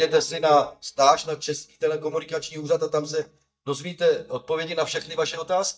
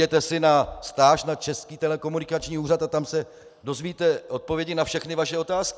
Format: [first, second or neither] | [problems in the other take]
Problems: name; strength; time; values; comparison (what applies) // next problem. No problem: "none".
second | noise reduction (neural mask model DeepFilterNet 3)